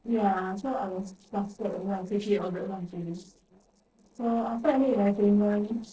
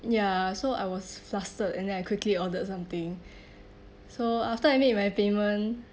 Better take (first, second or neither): second